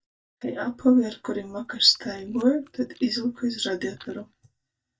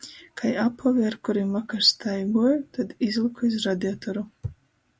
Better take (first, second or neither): second